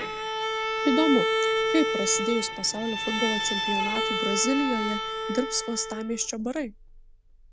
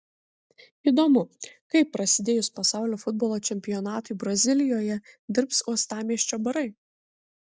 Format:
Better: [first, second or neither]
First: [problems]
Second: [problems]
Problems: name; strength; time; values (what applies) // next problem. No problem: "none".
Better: second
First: background sound (Bowed string instrument); as loud as the speech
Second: none